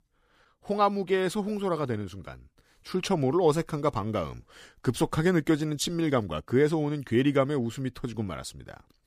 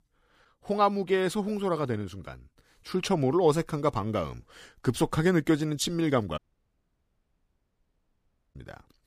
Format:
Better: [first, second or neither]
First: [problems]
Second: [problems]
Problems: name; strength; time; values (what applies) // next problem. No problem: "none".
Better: first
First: none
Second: audio cutting out; at 6.5 s for 2 s